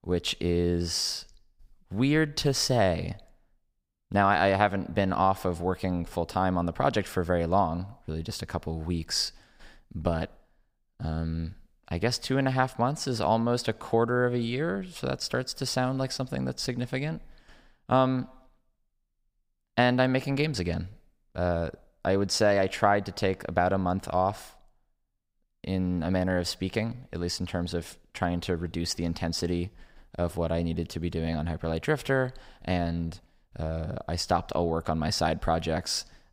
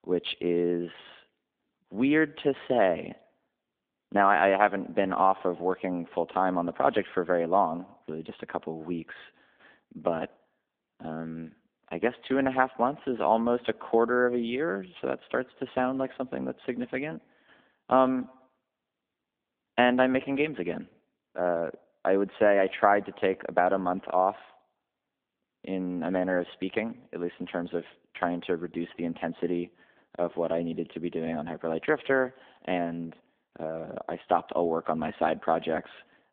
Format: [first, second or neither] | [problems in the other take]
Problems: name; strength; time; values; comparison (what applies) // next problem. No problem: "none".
first | phone-call audio